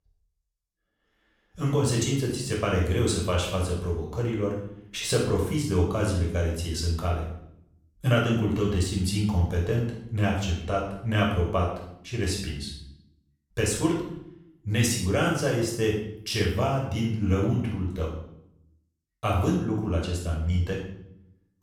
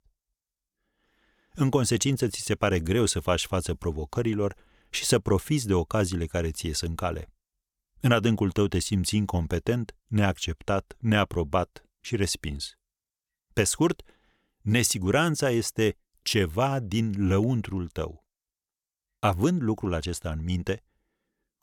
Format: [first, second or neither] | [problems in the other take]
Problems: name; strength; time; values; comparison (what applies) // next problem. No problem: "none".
second | off-mic speech; far // room echo; noticeable; dies away in 0.6 s